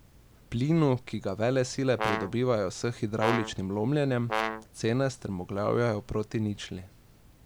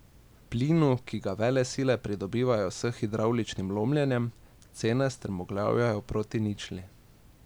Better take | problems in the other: second | background sound (Brass instrument); 5 dB below the speech

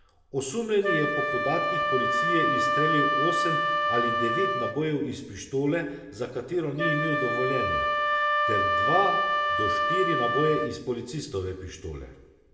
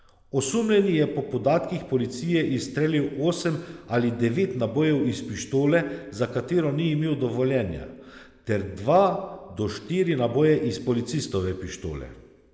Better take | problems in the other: second | background sound (Wind instrument, woodwind instrument); 3 dB above the speech // room echo; dies away in 0.6 s

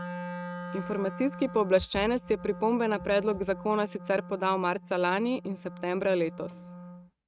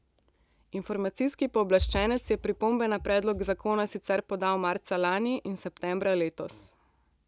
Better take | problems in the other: second | noise reduction (neural mask model RNNoise)

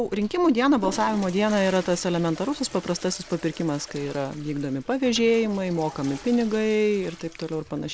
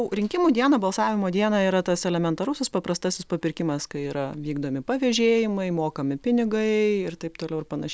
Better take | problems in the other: second | background sound (Toilet flush / Water); 17 dB below the speech

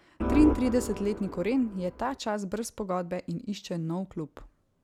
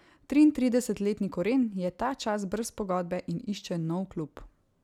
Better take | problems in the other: second | background sound (Organ); 3 dB below the speech

